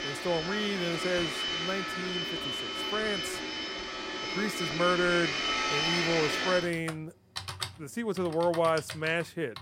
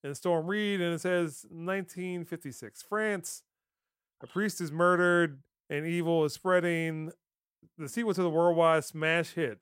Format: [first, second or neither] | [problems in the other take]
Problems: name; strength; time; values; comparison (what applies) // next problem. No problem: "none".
second | household noises; loud; throughout; as loud as the speech